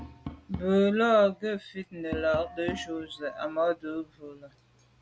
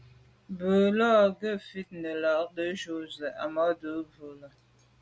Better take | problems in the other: second | background sound (Tap); 15 dB below the speech

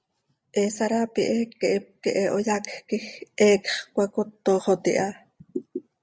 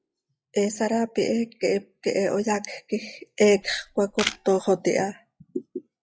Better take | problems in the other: first | noise reduction (classical method log-MMSE)

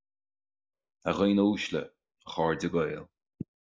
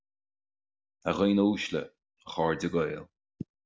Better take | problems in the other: second | noise reduction (neural mask model Resemble Enhance denoiser)

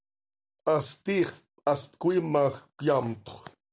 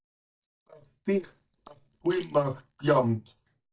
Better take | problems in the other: first | noise reduction (neural mask model DeepFilterNet 3)

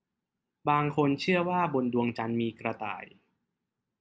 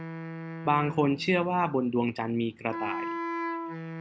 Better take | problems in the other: first | background sound (Wind instrument, woodwind instrument); 8 dB below the speech

